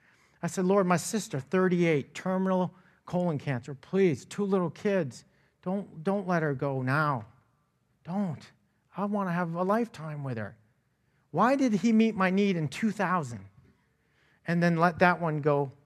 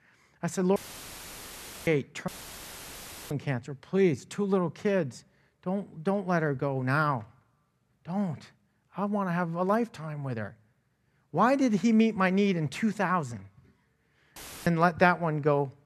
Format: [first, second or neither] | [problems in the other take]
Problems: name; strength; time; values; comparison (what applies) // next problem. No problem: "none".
first | audio cutting out; filled with static; at 1 s for 1 s, at 2.5 s for 1 s and at 14 s